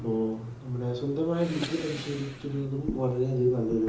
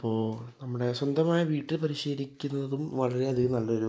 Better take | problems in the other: second | background sound (Breathing); 8 dB below the speech // room echo; dies away in 0.7 s

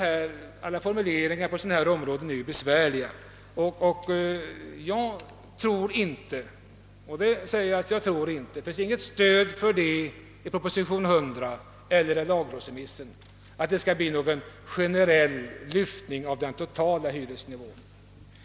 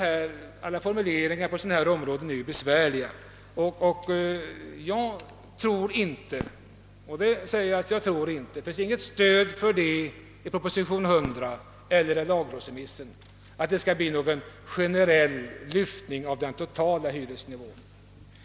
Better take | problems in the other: first | background sound (Fireworks); 18 dB below the speech

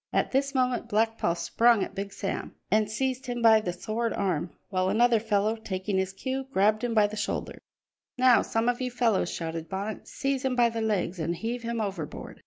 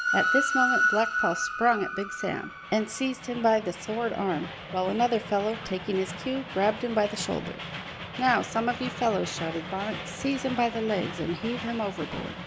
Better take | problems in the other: first | background sound (Train); 4 dB below the speech

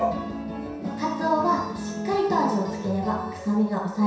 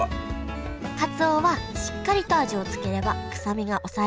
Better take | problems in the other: second | room echo; dies away in 0.7 s

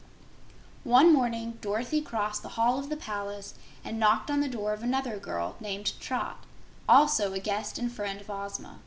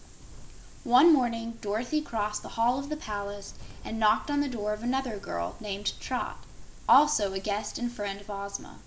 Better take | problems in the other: first | background sound (Wind); 19 dB below the speech

